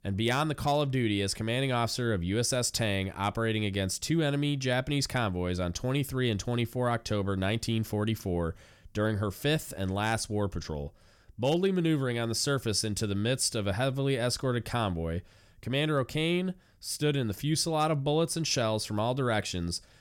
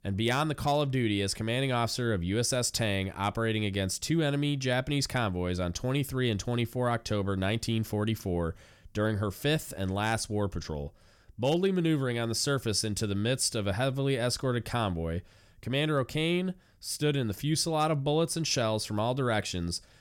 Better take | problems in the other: neither | none

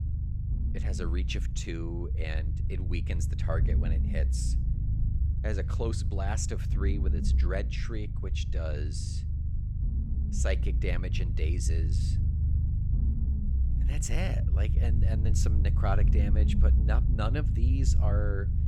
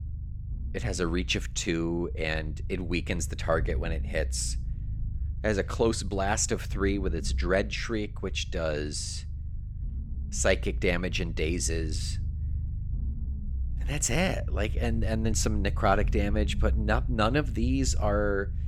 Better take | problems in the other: second | low rumble; loud; throughout; 6 dB below the speech; faint in the second

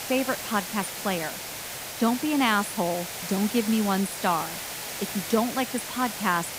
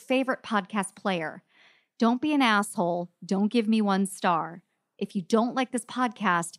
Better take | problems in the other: second | hiss; loud; throughout; 6 dB below the speech

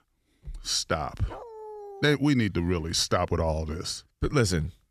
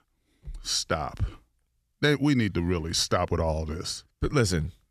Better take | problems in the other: second | dog barking; faint; at 1.5 s; peak 15 dB below the speech

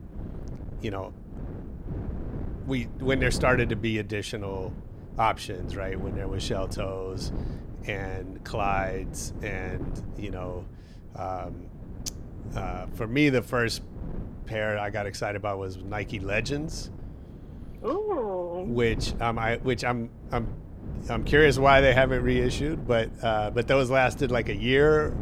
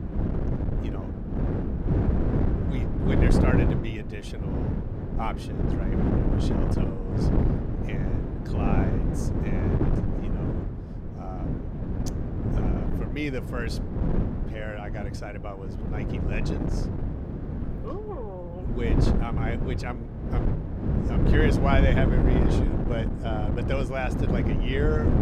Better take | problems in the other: first | wind noise on the microphone; heavy; as loud as the speech; occasional gusts in the first

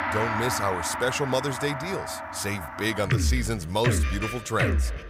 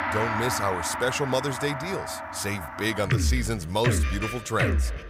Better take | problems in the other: neither | background music; loud; throughout; 1 dB below the speech; the same in both

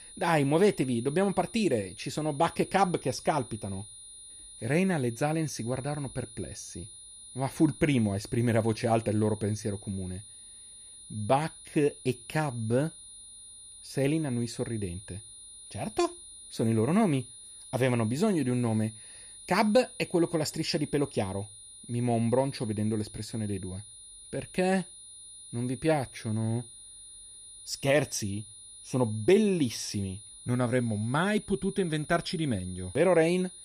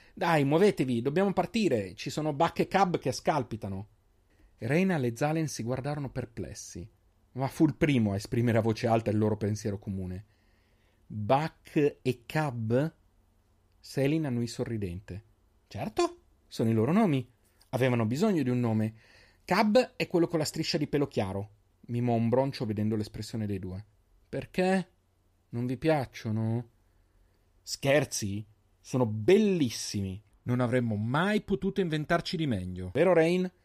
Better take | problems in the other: second | high-pitched whine; noticeable; throughout; 9.5 kHz, 15 dB below the speech

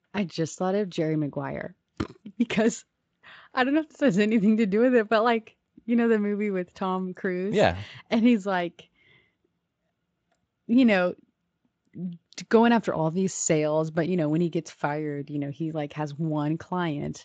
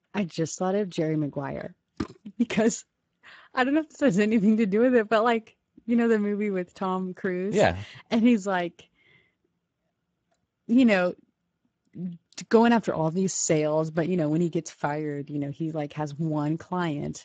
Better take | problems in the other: first | garbled, watery; badly; nothing above 7.5 kHz; slightly in the first

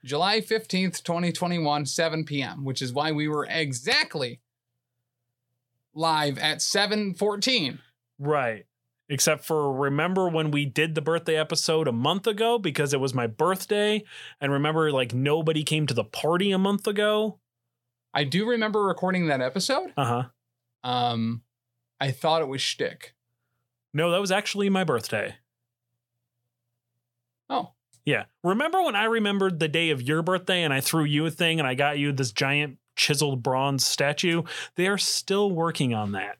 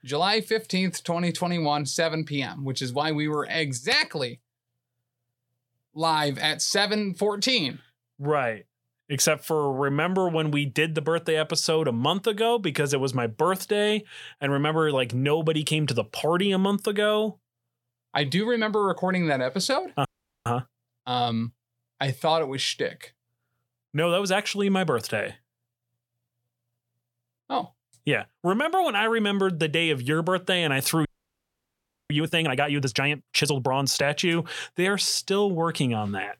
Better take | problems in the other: first | audio freezing; at 20 s and at 31 s for 1 s

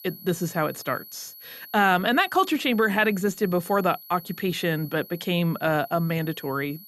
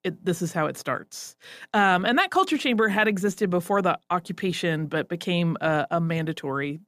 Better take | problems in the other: second | high-pitched whine; noticeable; throughout; 12 kHz, 20 dB below the speech

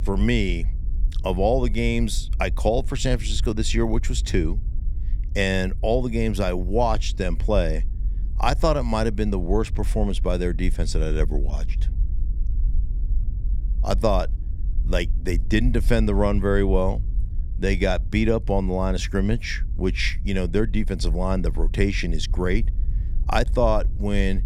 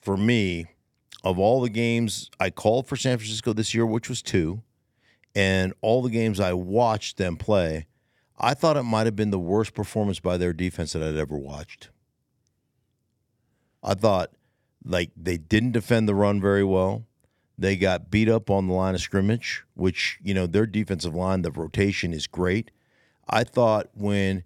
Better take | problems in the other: second | low rumble; faint; throughout; 25 dB below the speech

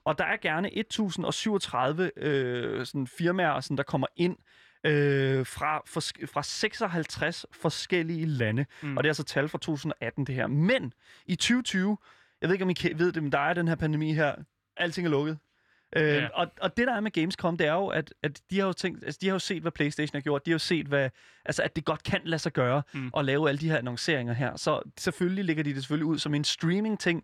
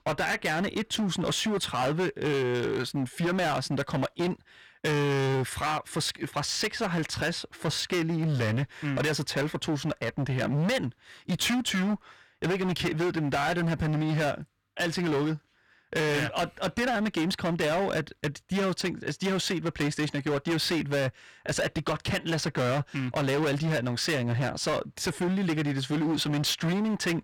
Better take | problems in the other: first | distortion; heavy; 23% of the sound clipped

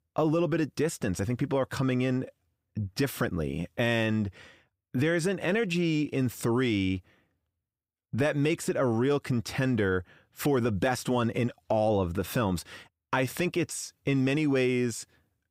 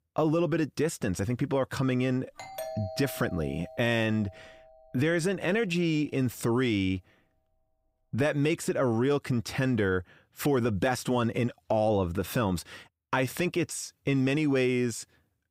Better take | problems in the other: first | doorbell; noticeable; from 2.5 to 4.5 s; peak 9 dB below the speech

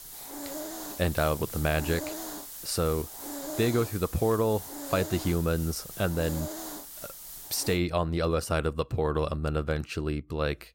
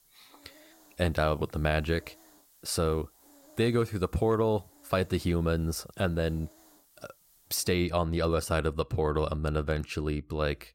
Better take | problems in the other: second | hiss; loud; until 7.5 s; 9 dB below the speech; faint in the second

